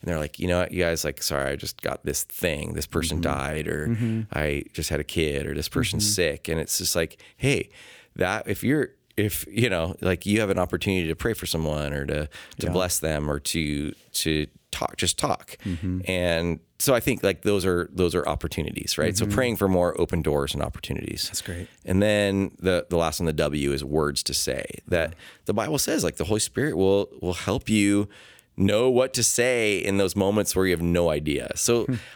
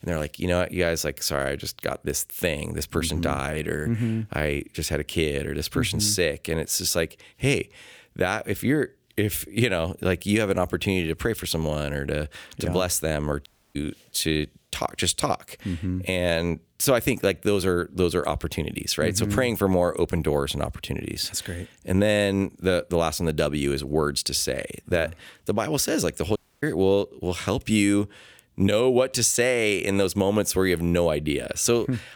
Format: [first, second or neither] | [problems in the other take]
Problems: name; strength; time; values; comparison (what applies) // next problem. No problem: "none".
first | audio cutting out; at 13 s and at 26 s